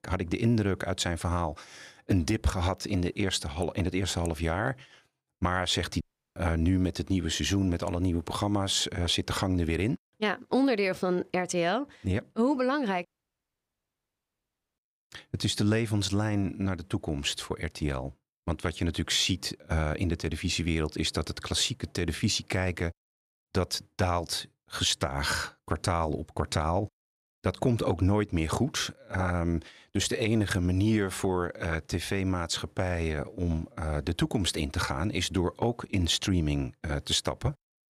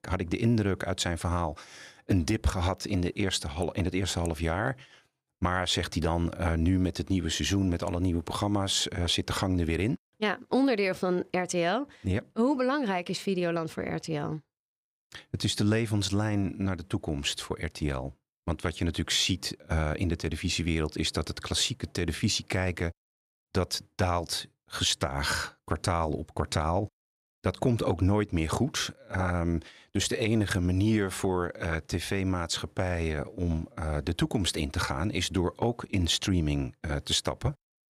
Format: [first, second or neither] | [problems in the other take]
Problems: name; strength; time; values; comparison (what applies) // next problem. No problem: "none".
second | audio cutting out; at 6 s and at 13 s for 1.5 s